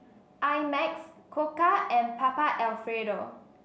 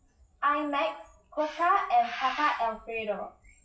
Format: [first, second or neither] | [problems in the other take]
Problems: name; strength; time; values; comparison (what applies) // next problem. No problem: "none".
first | noise reduction (classical method WPE with log-MMSE)